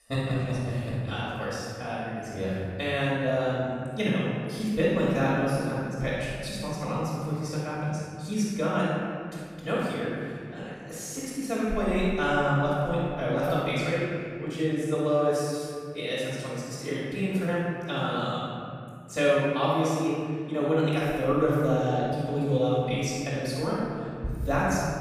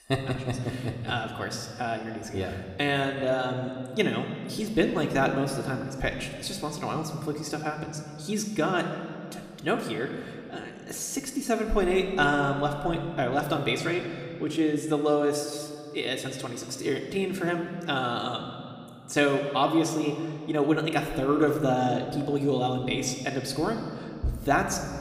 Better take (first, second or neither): second